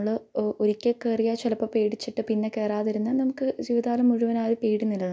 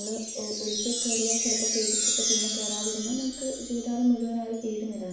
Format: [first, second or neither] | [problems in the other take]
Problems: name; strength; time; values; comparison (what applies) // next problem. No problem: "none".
first | background sound (Chime); 1 dB above the speech // room echo; dies away in 0.7 s